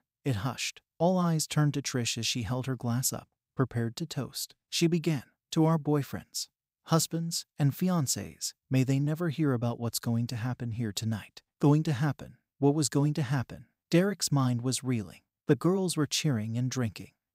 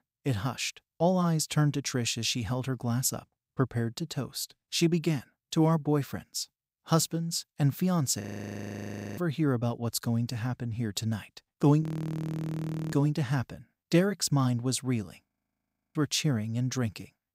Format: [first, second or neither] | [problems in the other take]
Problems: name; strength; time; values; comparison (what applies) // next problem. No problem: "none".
first | audio freezing; at 8 s for 1 s, at 12 s for 1 s and at 15 s for 0.5 s